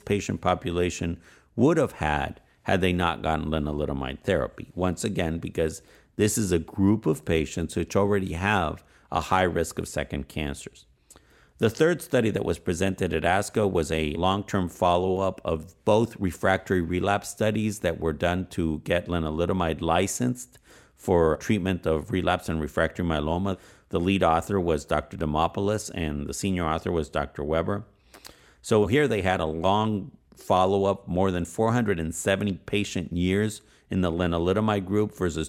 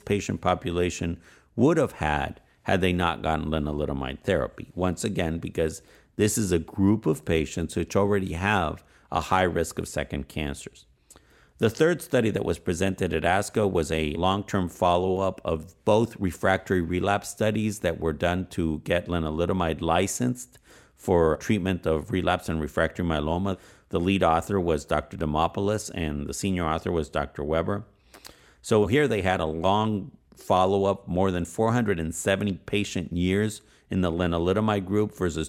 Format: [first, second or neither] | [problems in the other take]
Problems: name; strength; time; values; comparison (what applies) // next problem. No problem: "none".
neither | none